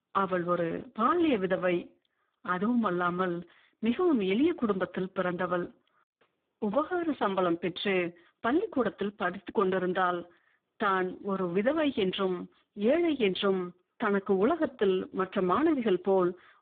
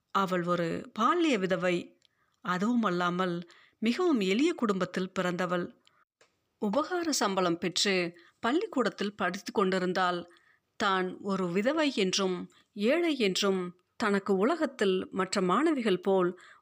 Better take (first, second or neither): second